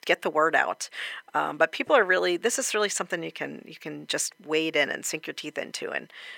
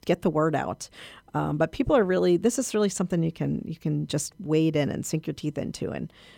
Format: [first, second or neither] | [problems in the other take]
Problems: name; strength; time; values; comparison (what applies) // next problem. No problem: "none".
second | thin; very; fading below 550 Hz